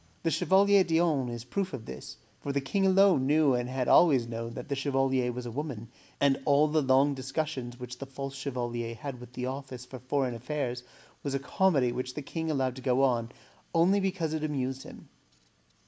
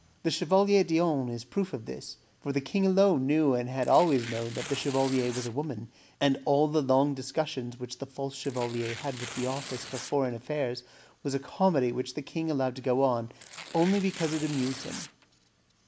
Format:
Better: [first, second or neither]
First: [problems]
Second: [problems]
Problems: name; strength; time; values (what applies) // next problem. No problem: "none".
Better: first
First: none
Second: background sound (Tearing); 13 dB below the speech